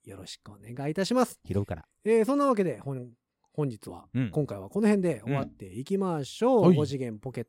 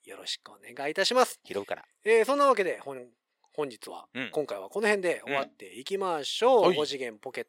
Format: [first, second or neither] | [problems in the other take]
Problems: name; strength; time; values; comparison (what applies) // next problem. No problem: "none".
first | thin; very; fading below 550 Hz